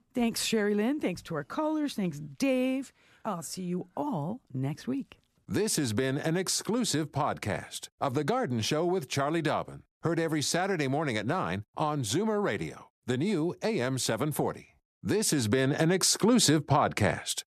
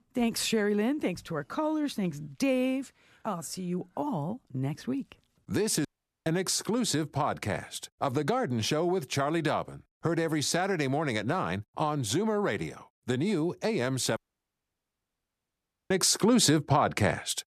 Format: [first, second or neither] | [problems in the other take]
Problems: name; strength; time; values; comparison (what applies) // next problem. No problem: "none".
first | audio cutting out; at 6 s and at 14 s for 1.5 s